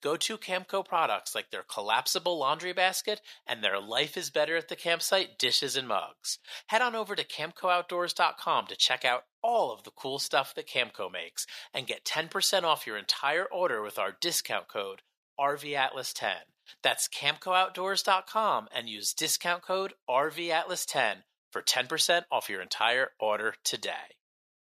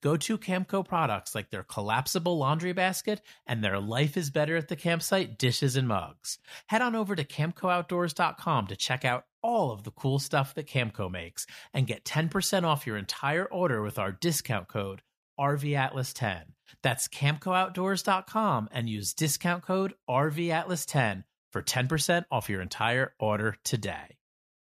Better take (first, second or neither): second